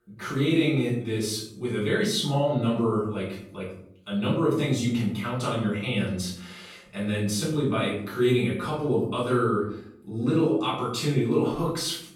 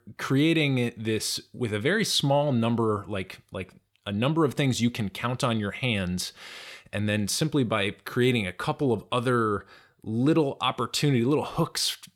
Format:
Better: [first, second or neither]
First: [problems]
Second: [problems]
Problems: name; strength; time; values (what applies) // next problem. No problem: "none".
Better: second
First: room echo; noticeable; dies away in 0.6 s // off-mic speech; far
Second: none